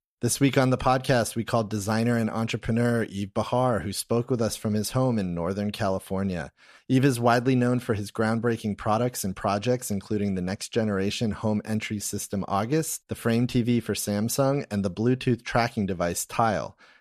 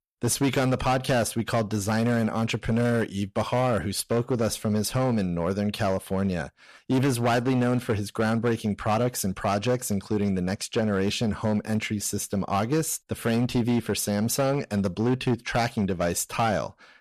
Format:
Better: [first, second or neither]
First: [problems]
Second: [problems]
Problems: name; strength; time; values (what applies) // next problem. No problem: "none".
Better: first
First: none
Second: distortion; slight; 11% of the sound clipped